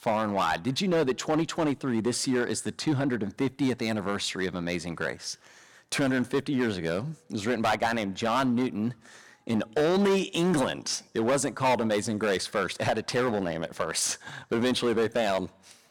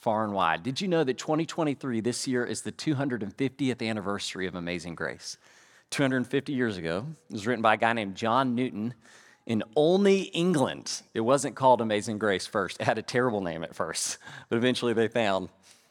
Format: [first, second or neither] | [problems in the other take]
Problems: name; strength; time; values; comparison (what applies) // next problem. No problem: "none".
second | distortion; heavy; 8% of the sound clipped